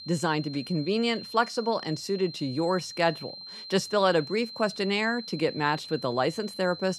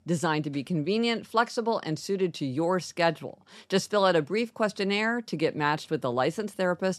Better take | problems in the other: second | high-pitched whine; noticeable; throughout; 4 kHz, 10 dB below the speech

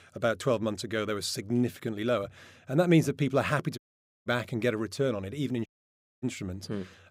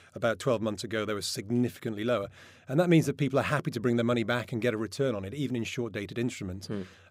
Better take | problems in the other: second | audio cutting out; at 4 s and at 5.5 s for 0.5 s

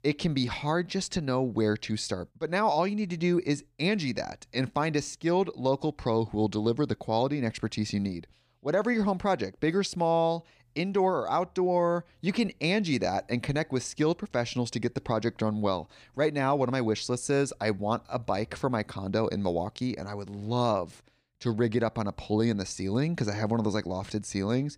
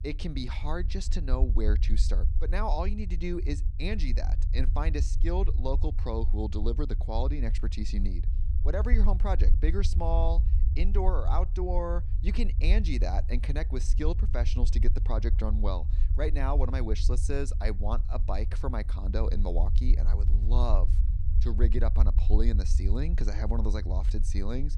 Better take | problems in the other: first | low rumble; noticeable; throughout; 10 dB below the speech

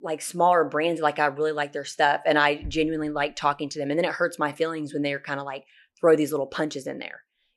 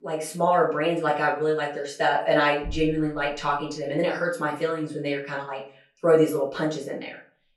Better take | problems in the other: first | off-mic speech; far // room echo; slight; dies away in 0.3 s

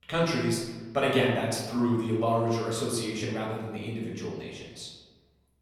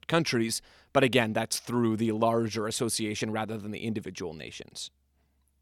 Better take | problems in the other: second | room echo; noticeable; dies away in 1.1 s // off-mic speech; far

